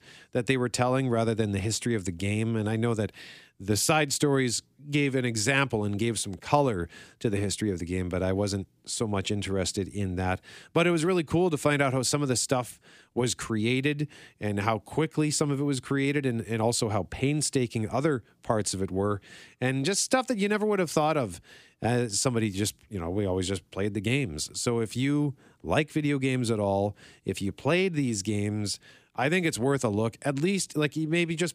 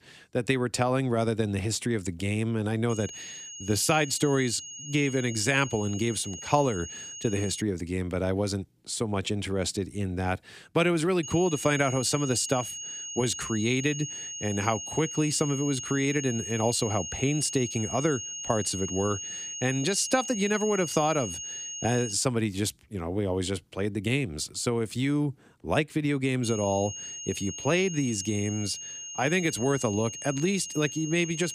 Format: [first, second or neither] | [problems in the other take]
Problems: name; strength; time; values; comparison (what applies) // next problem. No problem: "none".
first | high-pitched whine; loud; from 3 to 7.5 s, from 11 to 22 s and from 26 s on; 6.5 kHz, 8 dB below the speech